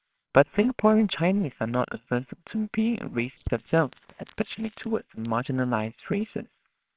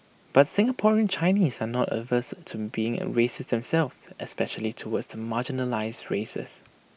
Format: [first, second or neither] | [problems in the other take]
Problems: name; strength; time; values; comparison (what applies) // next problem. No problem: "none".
second | noise reduction (neural separator model SepFormer WHAMR!)